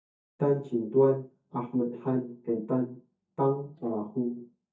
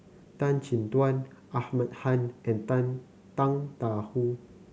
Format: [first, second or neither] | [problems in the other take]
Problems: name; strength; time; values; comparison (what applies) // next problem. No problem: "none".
second | noise reduction (neural mask model DeepFilterNet 3)